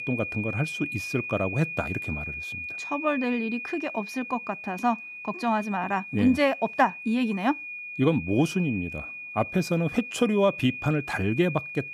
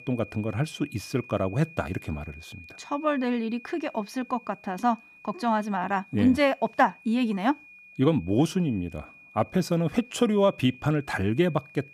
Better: second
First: high-pitched whine; loud; throughout; 2.5 kHz, 8 dB below the speech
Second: high-pitched whine; faint; throughout; 2.5 kHz, 20 dB below the speech

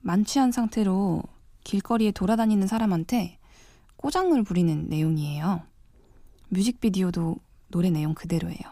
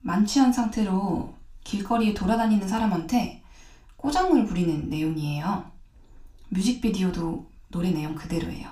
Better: first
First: none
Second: room echo; slight; dies away in 0.3 s // off-mic speech; somewhat distant

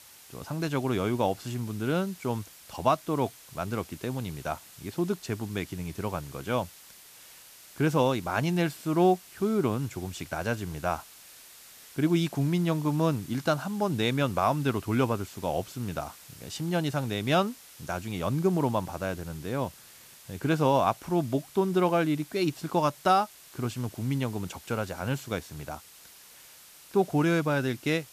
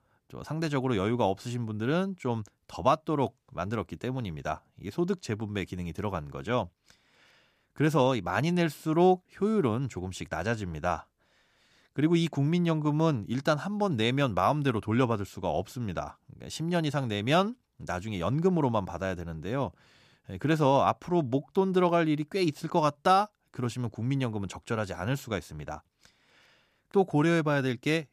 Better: second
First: hiss; noticeable; throughout; 20 dB below the speech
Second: none

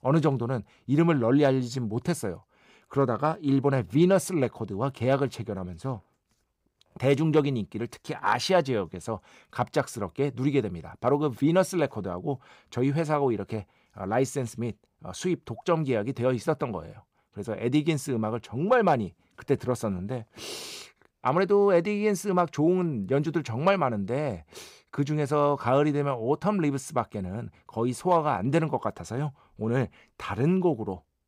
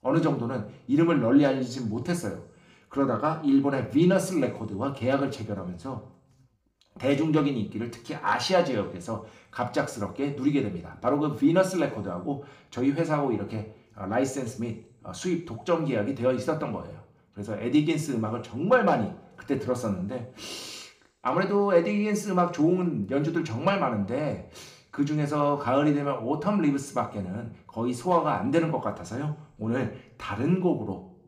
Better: first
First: none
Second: room echo; very slight; dies away in 0.5 s // off-mic speech; somewhat distant

